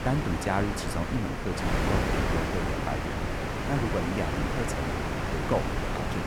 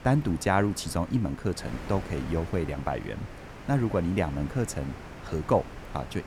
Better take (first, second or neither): second